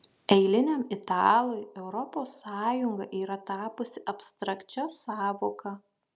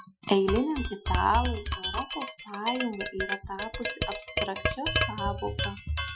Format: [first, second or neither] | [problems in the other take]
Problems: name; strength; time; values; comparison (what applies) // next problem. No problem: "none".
first | noise reduction (classical method Wiener filter)